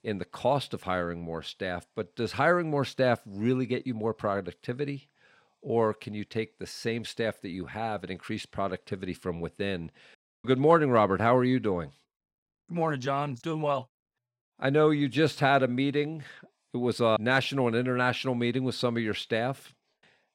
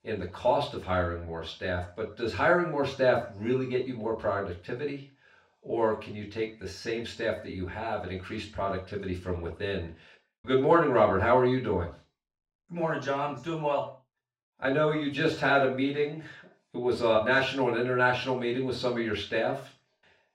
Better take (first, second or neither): first